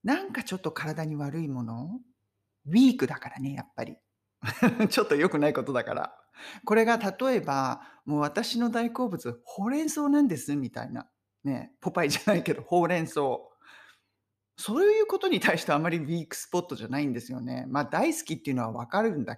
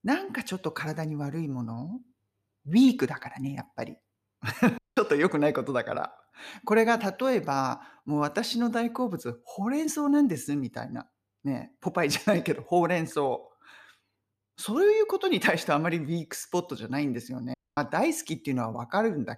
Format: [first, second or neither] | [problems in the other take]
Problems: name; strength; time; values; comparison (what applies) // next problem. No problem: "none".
first | audio cutting out; at 5 s and at 18 s